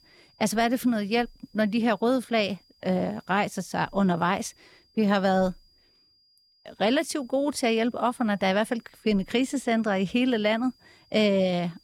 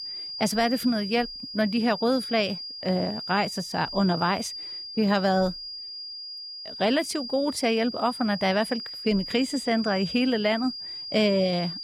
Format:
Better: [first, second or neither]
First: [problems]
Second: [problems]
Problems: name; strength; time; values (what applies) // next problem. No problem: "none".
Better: first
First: high-pitched whine; faint; throughout; 5 kHz, 35 dB below the speech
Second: high-pitched whine; loud; throughout; 5 kHz, 8 dB below the speech